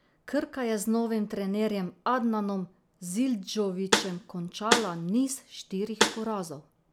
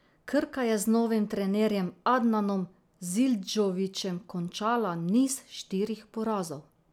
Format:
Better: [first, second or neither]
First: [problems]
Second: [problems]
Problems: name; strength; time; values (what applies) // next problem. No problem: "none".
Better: second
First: background sound (Snare drum); 2 dB above the speech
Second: none